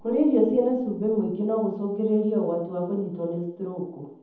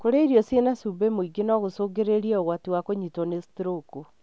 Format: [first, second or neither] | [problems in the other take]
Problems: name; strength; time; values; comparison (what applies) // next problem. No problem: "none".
second | room echo; dies away in 0.8 s